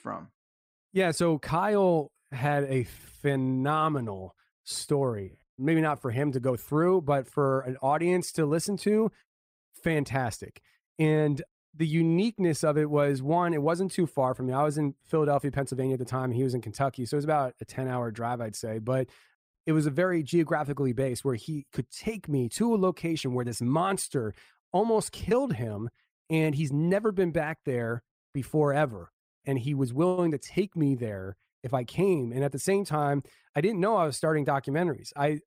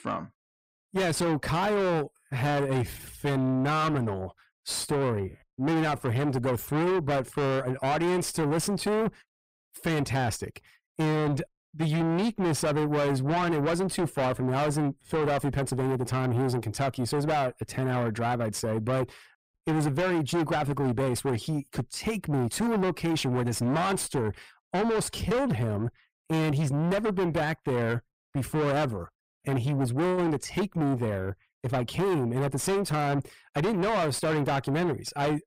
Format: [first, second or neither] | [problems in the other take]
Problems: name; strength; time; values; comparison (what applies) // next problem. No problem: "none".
first | distortion; heavy; 6 dB below the speech